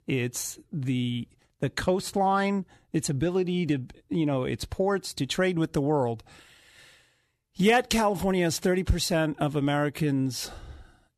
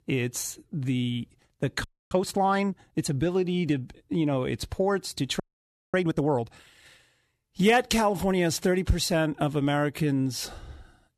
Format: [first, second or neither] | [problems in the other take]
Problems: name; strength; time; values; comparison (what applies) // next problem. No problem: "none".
first | audio freezing; at 2 s and at 5.5 s for 0.5 s